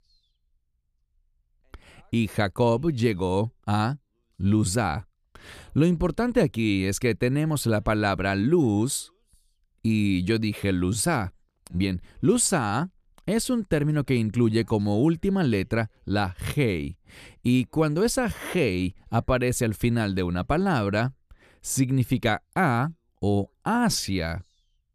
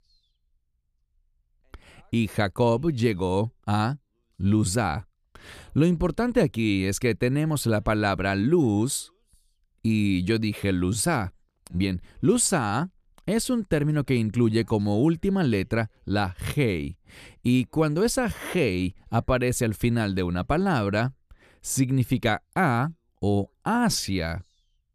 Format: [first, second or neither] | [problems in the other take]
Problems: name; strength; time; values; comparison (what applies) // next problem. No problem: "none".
neither | none